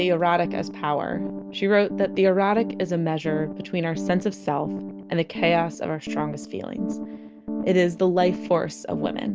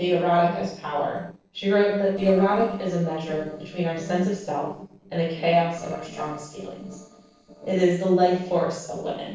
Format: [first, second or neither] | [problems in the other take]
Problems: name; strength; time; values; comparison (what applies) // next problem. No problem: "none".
first | noise reduction (neural separator model SepFormer DNS4)